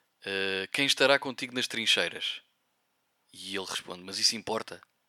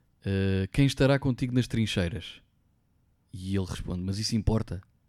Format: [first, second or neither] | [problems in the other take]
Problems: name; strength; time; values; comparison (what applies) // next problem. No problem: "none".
second | thin; very; fading below 650 Hz